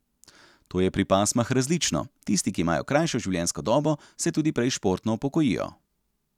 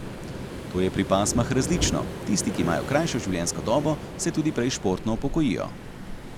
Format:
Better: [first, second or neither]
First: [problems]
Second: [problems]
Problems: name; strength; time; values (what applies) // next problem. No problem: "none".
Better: first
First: none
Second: background sound (Waves, surf); 7 dB below the speech